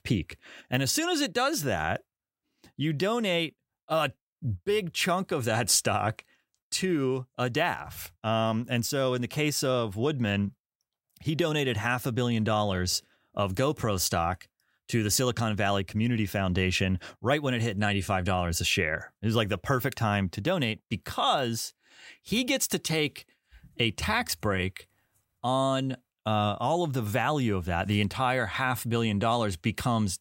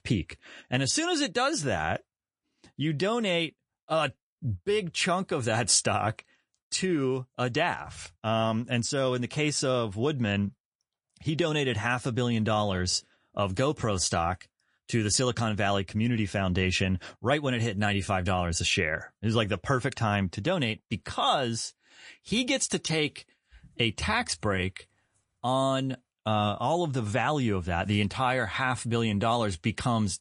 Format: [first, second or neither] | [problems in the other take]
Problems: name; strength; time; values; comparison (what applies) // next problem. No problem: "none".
first | garbled, watery; slightly; nothing above 10.5 kHz